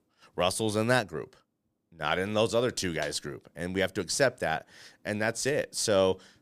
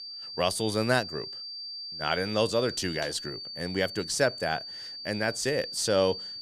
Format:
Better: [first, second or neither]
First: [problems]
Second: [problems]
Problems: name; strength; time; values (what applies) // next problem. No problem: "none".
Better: first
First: none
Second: high-pitched whine; loud; throughout; 4.5 kHz, 8 dB below the speech